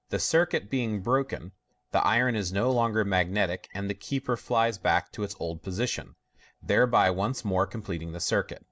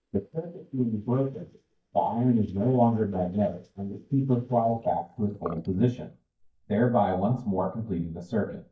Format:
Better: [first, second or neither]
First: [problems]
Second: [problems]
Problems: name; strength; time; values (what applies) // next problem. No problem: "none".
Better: first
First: none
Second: noise reduction (neural mask model DeepFilterNet 3)